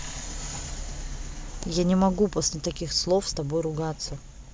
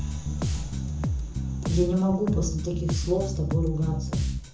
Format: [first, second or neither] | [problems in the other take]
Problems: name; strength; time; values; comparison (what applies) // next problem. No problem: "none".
first | background sound (Bass guitar); as loud as the speech // room echo; dies away in 0.7 s